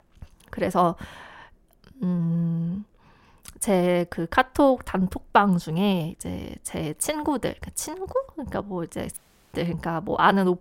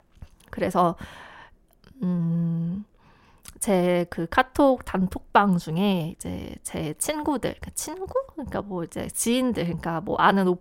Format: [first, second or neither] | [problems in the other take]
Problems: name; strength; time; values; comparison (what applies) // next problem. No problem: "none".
second | audio cutting out; at 9 s